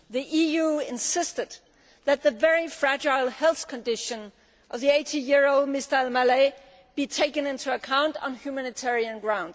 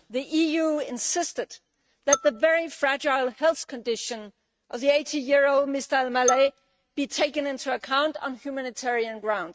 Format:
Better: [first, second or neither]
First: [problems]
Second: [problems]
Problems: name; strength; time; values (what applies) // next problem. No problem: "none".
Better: first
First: none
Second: noise reduction (neural mask model RNNoise)